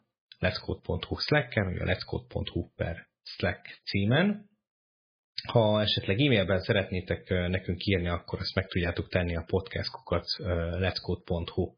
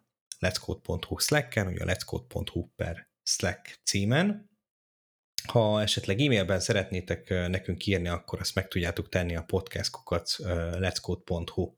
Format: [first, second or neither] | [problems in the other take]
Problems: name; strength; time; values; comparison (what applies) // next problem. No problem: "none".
second | garbled, watery; badly; nothing above 5 kHz